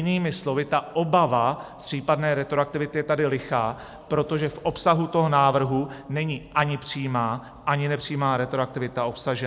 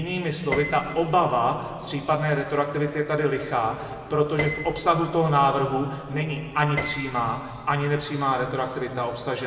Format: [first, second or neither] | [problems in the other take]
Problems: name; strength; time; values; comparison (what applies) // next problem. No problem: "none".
first | background sound (Piano); 13 dB below the speech // room echo; dies away in 2.4 s